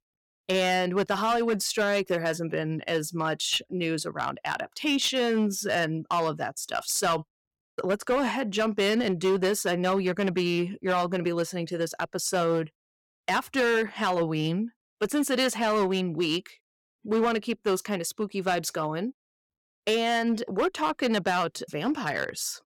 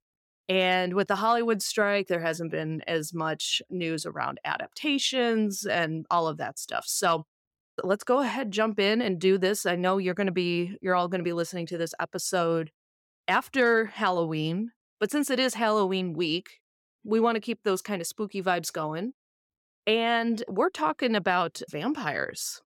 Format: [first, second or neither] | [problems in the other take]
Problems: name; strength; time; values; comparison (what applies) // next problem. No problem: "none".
second | distortion; slight; 7% of the sound clipped